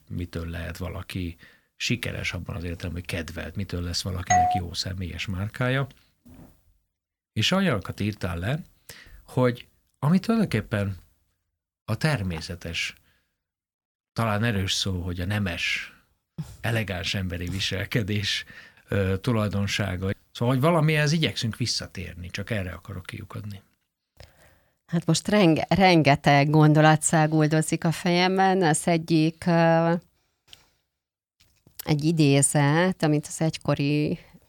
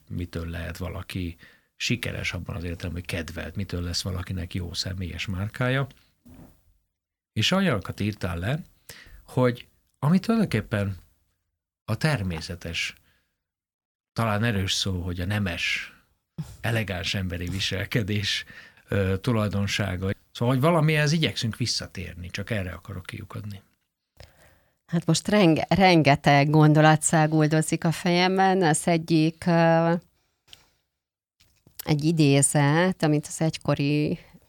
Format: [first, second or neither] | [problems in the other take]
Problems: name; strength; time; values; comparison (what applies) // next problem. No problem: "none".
second | doorbell; loud; at 4.5 s; peak 3 dB above the speech